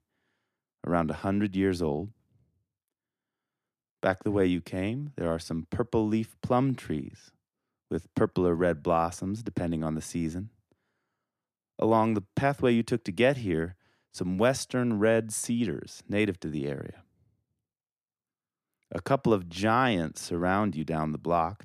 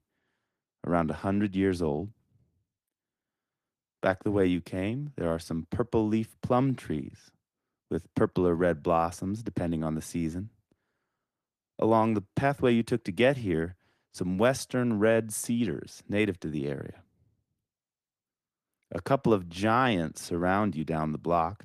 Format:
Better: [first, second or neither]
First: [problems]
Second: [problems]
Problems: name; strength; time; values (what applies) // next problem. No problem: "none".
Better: first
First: none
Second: garbled, watery; slightly; nothing above 14.5 kHz